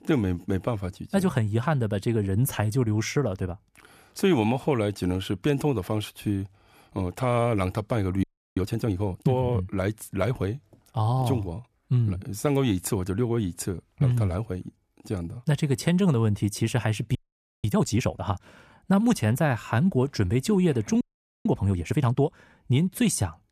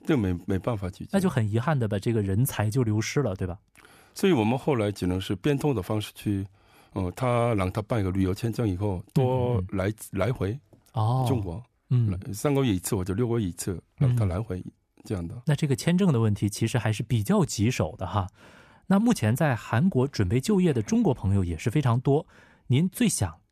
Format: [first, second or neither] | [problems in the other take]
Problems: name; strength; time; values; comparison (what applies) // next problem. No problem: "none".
second | audio freezing; at 8 s, at 17 s and at 21 s